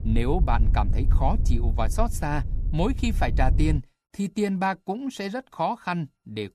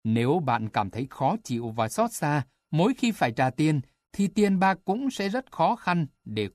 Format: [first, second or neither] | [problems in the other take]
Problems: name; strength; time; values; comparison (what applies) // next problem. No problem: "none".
second | wind noise on the microphone; occasional gusts; until 4 s; 15 dB below the speech